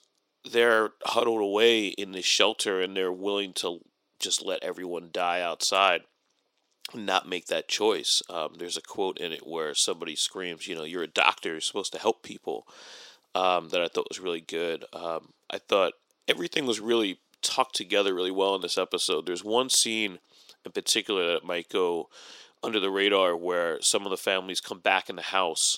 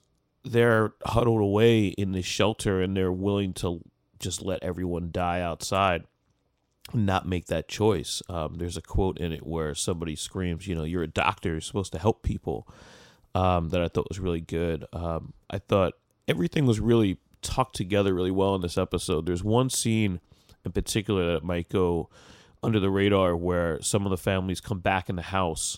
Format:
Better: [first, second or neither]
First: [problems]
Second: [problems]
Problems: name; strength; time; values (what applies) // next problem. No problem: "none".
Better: second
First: thin; somewhat; fading below 350 Hz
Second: none